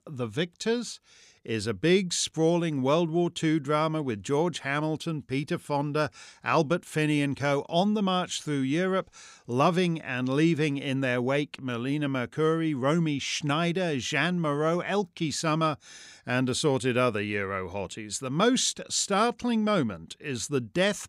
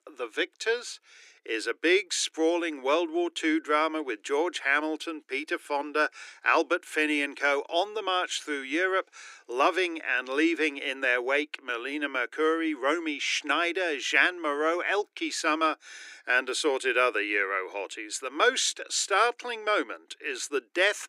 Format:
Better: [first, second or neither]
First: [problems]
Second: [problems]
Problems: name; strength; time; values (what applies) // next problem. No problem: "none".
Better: first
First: none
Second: thin; very; fading below 300 Hz